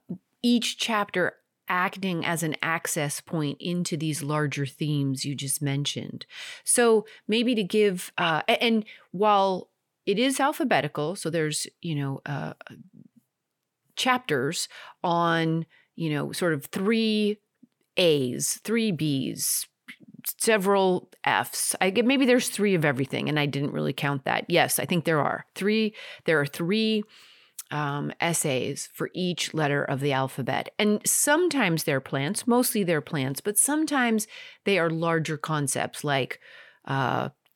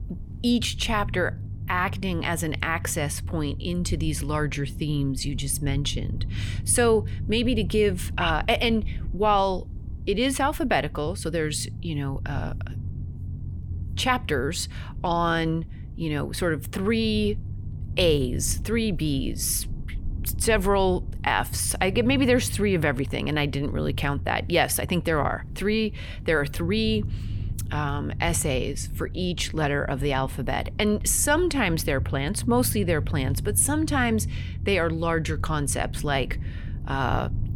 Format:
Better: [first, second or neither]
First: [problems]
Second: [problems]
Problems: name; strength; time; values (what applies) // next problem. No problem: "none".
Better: first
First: none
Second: low rumble; faint; throughout; 20 dB below the speech